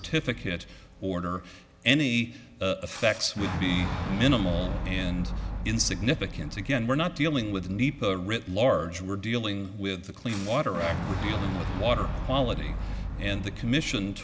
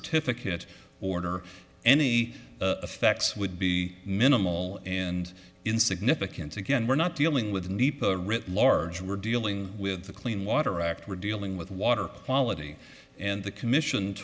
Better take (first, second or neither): second